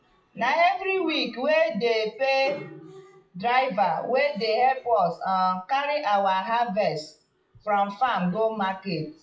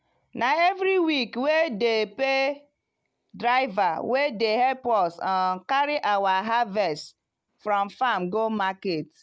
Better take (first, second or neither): second